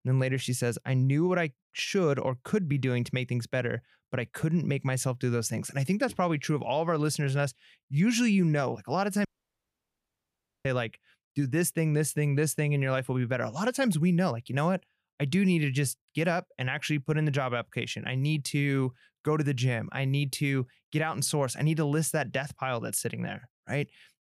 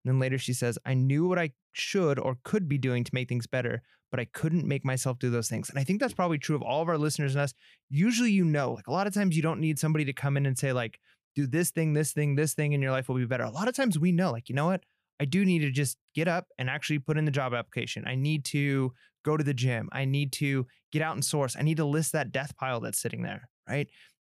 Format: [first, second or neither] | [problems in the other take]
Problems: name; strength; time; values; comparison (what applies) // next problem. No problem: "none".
second | audio cutting out; at 9.5 s for 1.5 s